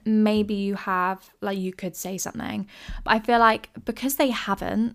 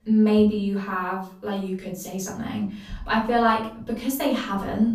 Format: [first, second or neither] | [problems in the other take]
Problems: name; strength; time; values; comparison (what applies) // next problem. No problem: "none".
first | off-mic speech; far // room echo; slight; dies away in 0.5 s